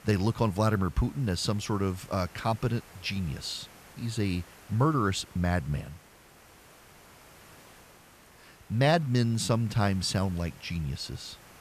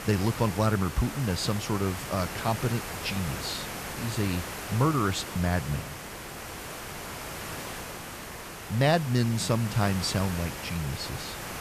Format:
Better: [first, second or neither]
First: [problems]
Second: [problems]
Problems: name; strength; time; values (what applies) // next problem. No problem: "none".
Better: first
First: hiss; faint; throughout; 25 dB below the speech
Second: hiss; loud; throughout; 8 dB below the speech